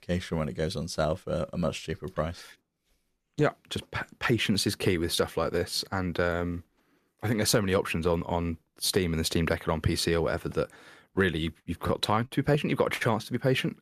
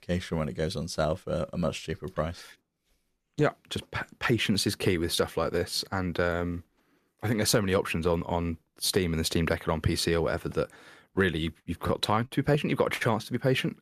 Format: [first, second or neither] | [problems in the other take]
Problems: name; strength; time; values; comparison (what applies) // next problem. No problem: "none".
neither | none